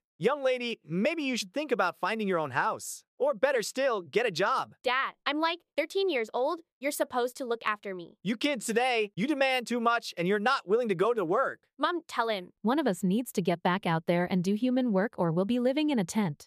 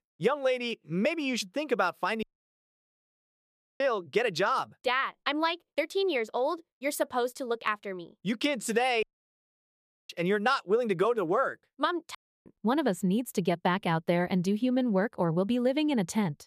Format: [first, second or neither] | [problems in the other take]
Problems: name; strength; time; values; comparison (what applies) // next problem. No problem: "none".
first | audio cutting out; at 2 s for 1.5 s, at 9 s for 1 s and at 12 s